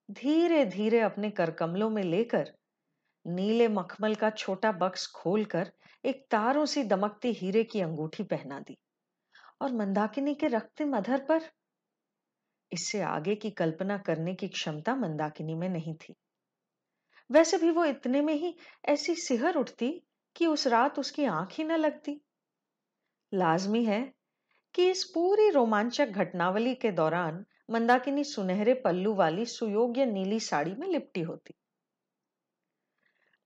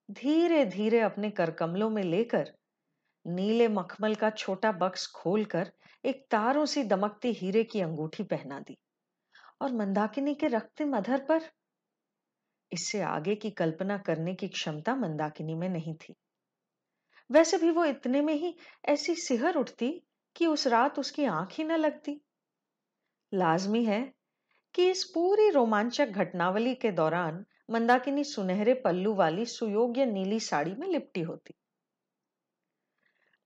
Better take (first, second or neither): neither